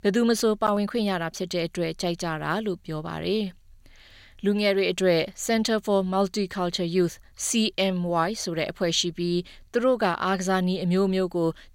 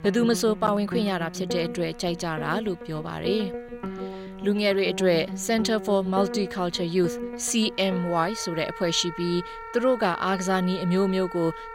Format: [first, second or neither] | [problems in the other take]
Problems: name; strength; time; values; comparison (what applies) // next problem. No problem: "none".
first | background music; noticeable; throughout; 10 dB below the speech